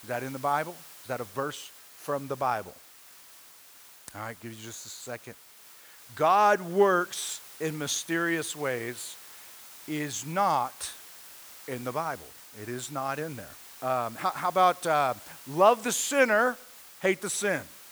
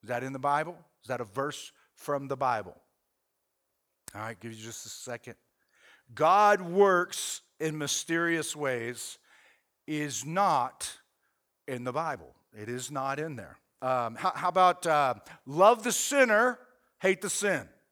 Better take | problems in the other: second | hiss; noticeable; throughout; 20 dB below the speech

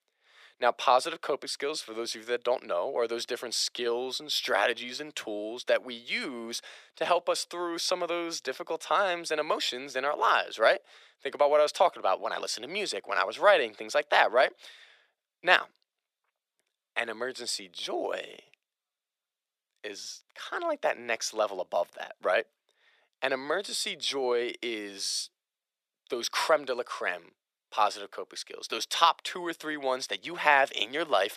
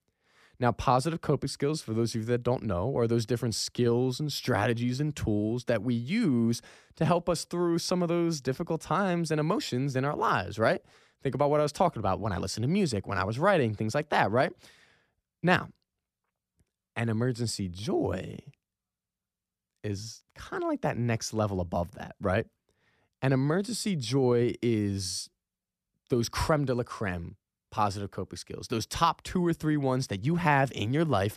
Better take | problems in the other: second | thin; very; fading below 450 Hz

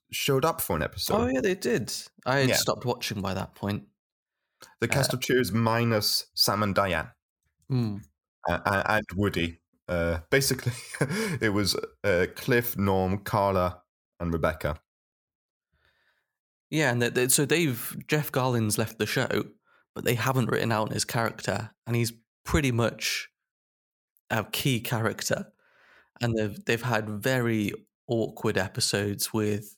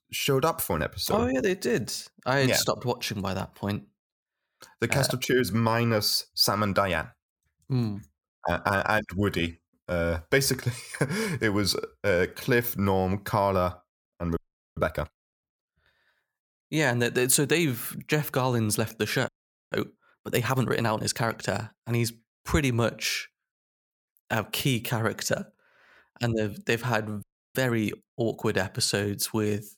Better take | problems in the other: first | audio freezing; at 14 s, at 19 s and at 27 s

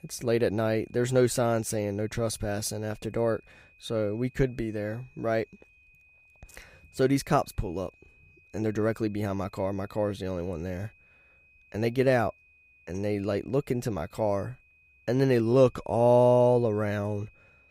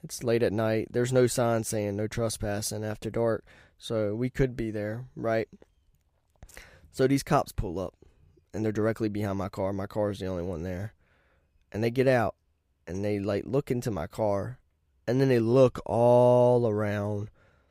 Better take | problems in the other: second | high-pitched whine; faint; throughout; 2.5 kHz, 30 dB below the speech

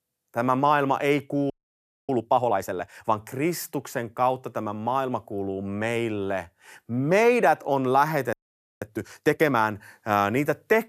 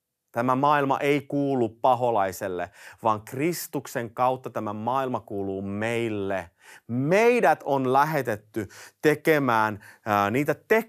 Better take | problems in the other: second | audio freezing; at 1.5 s for 0.5 s and at 8.5 s

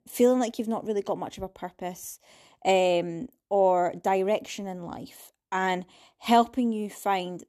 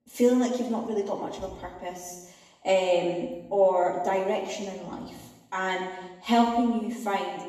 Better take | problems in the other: first | room echo; noticeable; dies away in 1 s // off-mic speech; far

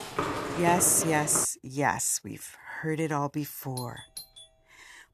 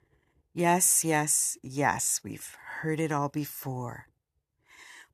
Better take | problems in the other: second | footsteps; noticeable; until 1.5 s; peak 5 dB below the speech // doorbell; faint; at 4 s; peak 15 dB below the speech

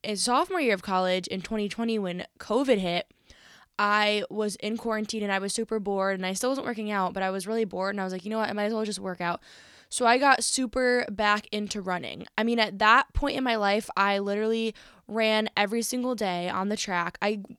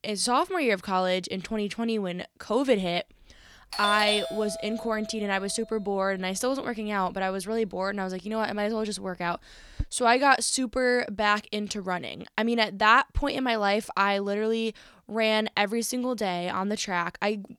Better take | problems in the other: first | doorbell; noticeable; from 3.5 to 10 s; peak 1 dB below the speech

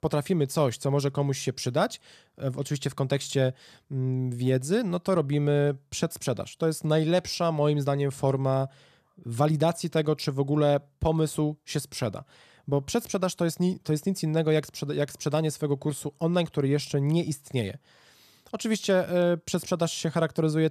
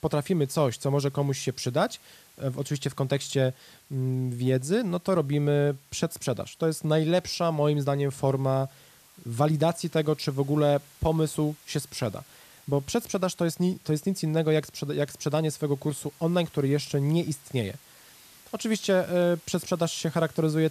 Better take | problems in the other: first | hiss; faint; throughout; 25 dB below the speech

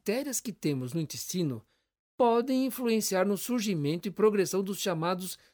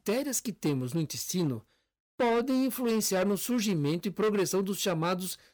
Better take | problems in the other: first | distortion; slight; 10% of the sound clipped

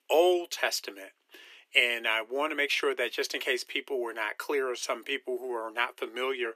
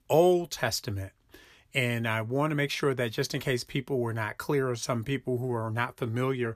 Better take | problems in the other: second | thin; very; fading below 350 Hz

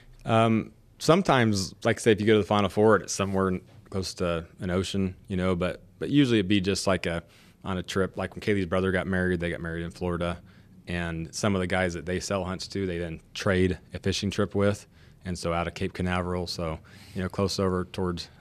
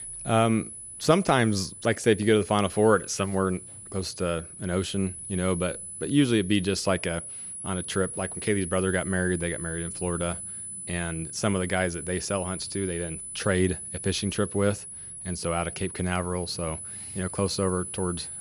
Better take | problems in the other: first | high-pitched whine; loud; throughout; 10 kHz, 9 dB below the speech

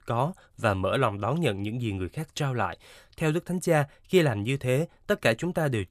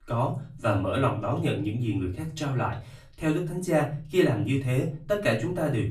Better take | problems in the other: first | off-mic speech; far // room echo; very slight; dies away in 0.4 s

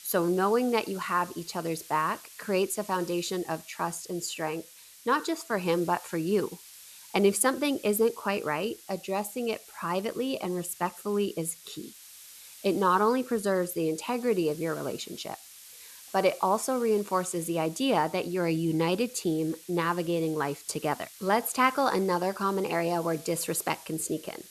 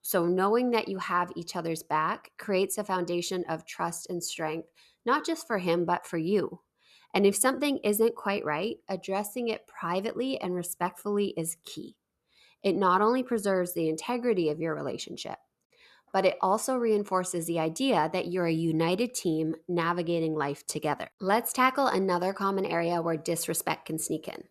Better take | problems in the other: second | hiss; noticeable; throughout; 20 dB below the speech

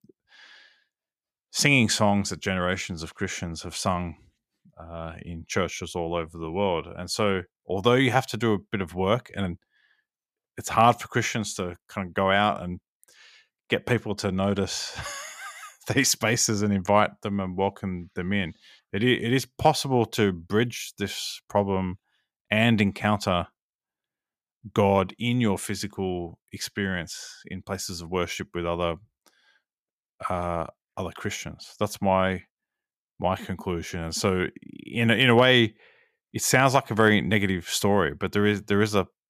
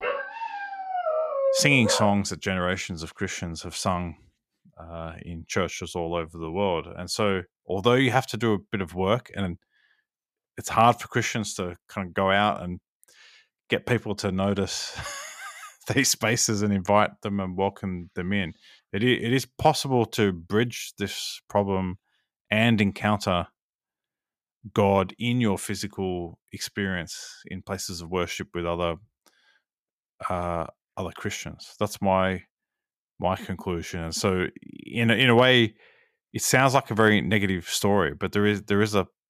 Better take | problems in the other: first | dog barking; loud; until 2 s; peak level with the speech

